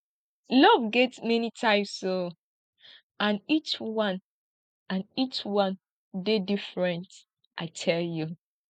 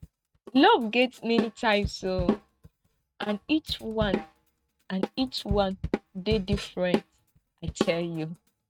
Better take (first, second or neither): first